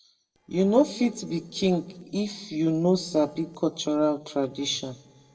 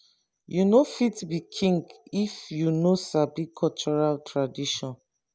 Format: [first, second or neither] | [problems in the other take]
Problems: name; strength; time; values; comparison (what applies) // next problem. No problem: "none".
second | noise reduction (neural separator model SepFormer DNS4)